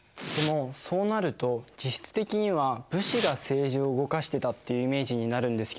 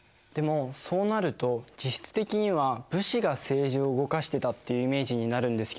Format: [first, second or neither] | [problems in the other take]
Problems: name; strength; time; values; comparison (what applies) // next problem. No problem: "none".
second | background sound (Domestic sounds, home sounds); 15 dB below the speech